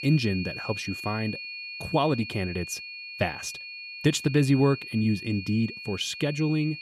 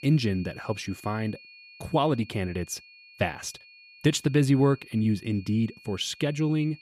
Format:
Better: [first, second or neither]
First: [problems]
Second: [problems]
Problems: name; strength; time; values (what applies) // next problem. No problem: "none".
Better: second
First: high-pitched whine; loud; throughout; 2.5 kHz, 9 dB below the speech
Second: high-pitched whine; faint; throughout; 2.5 kHz, 20 dB below the speech